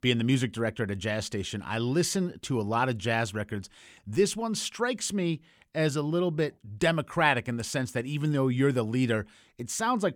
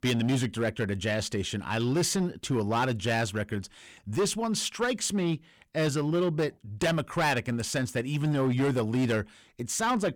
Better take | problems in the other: first | distortion; slight; 10% of the sound clipped

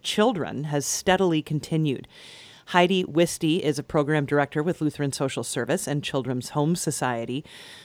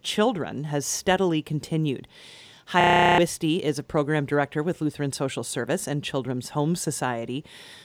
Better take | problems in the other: first | audio freezing; at 3 s

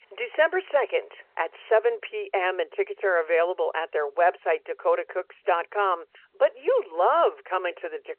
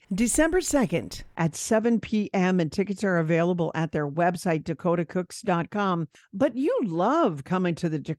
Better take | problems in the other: second | phone-call audio

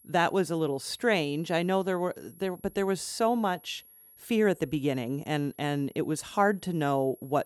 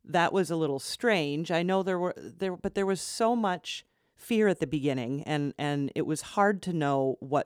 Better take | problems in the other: second | high-pitched whine; faint; throughout; 11.5 kHz, 25 dB below the speech

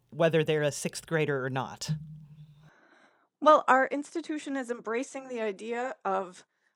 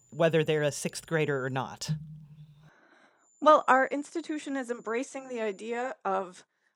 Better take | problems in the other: first | high-pitched whine; faint; until 1.5 s and from 3 to 6 s; 7 kHz, 35 dB below the speech

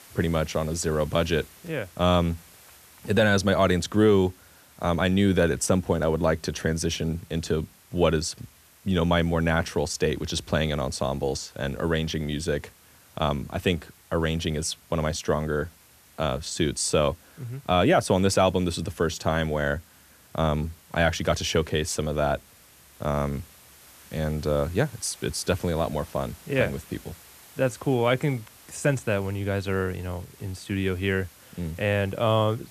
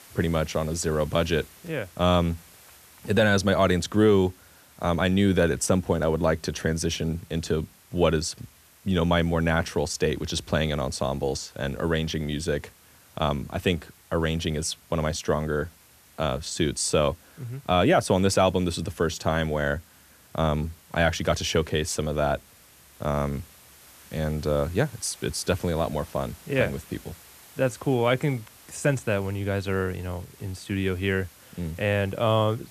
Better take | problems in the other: neither | hiss; faint; throughout; 25 dB below the speech; the same in both

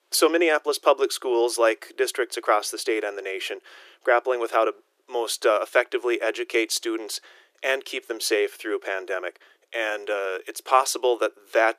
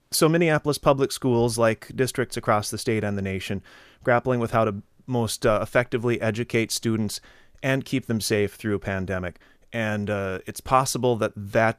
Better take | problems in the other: second | thin; very; fading below 350 Hz

